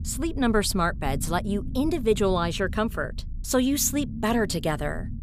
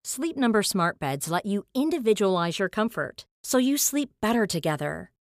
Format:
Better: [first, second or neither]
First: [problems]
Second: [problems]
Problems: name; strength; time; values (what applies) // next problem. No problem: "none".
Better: second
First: low rumble; noticeable; throughout; 20 dB below the speech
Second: none